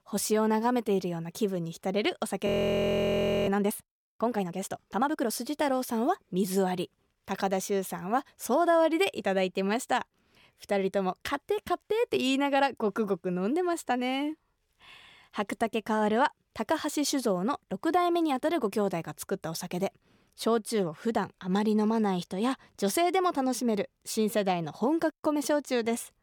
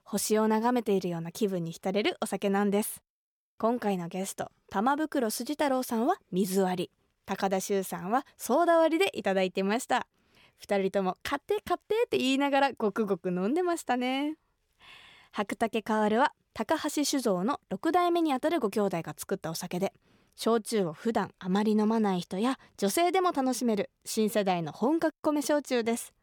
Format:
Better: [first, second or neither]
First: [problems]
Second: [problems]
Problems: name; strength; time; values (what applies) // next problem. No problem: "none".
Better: second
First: audio freezing; at 2.5 s for 1 s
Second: none